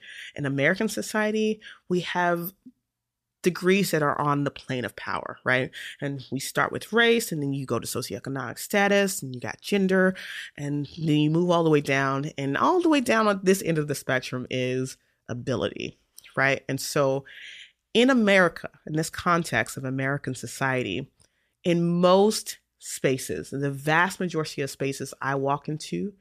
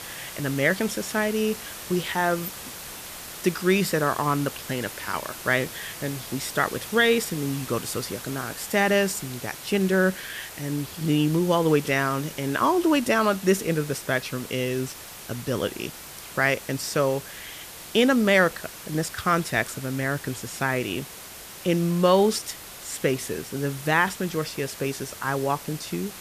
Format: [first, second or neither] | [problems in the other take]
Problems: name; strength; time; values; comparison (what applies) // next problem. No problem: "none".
first | hiss; noticeable; throughout; 10 dB below the speech